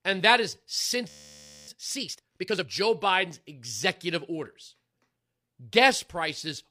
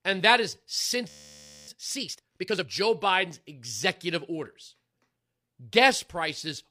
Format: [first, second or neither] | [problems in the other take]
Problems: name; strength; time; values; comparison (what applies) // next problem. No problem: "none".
neither | audio freezing; at 1 s for 0.5 s; the same in both